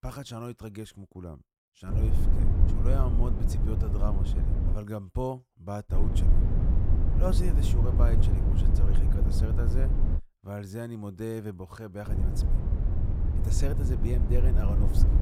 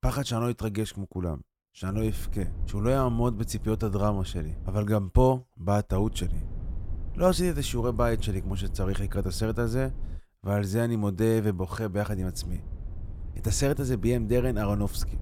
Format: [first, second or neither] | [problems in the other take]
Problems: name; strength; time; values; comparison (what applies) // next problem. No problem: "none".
second | low rumble; loud; from 2 to 4.5 s, from 6 to 10 s and from 12 s on; 2 dB below the speech; faint in the second